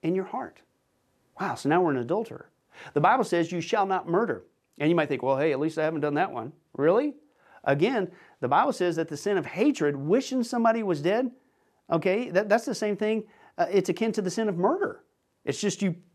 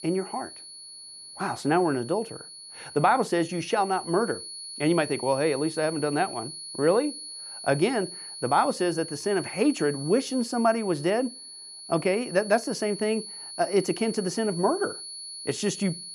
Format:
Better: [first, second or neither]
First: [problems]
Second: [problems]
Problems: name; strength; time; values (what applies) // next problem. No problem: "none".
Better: first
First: none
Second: high-pitched whine; noticeable; throughout; 4.5 kHz, 10 dB below the speech